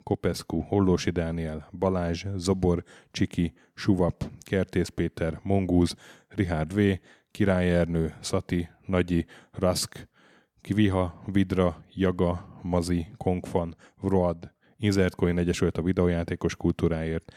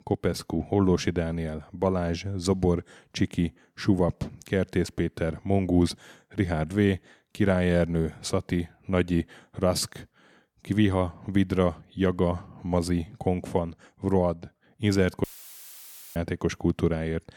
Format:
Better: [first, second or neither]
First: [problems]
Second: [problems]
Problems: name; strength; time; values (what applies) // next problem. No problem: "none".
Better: first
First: none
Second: audio cutting out; filled with static; at 15 s for 1 s